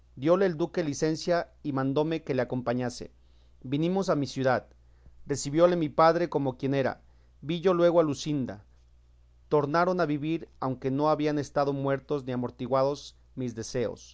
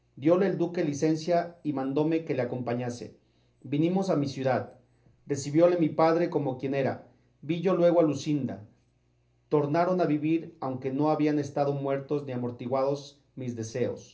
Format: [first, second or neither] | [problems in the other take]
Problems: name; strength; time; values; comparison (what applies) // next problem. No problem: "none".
first | room echo; dies away in 0.3 s